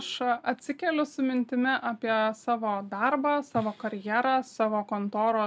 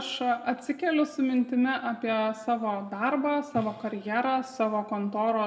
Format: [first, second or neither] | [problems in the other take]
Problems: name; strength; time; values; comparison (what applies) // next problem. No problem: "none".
first | room echo; dies away in 1.1 s